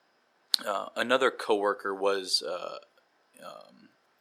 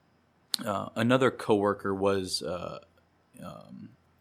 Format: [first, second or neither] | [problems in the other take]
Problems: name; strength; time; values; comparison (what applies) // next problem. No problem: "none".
second | thin; somewhat; fading below 450 Hz